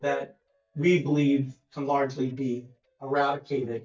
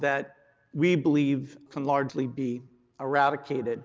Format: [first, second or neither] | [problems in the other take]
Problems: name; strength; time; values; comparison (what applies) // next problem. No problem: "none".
second | noise reduction (neural mask model DeepFilterNet 3)